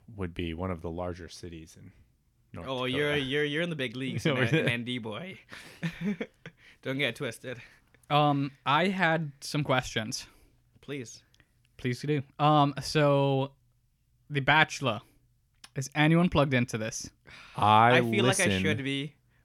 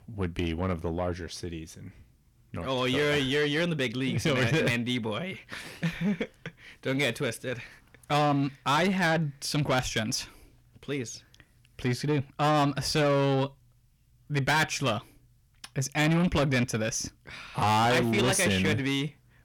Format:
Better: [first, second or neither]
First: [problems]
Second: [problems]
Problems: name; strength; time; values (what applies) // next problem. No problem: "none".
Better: first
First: none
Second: distortion; heavy; 7 dB below the speech